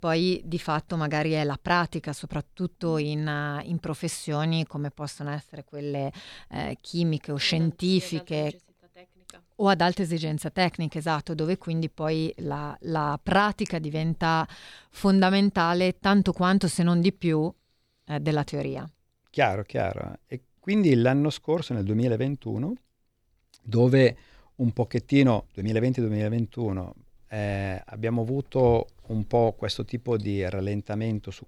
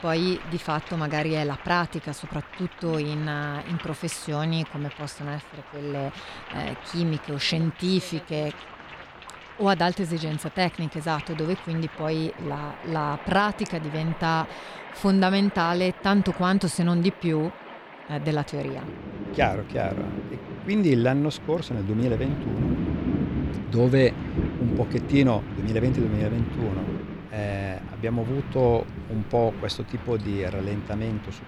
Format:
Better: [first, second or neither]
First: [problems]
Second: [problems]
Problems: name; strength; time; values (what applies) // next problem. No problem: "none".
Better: first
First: none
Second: rain or running water; loud; throughout; 9 dB below the speech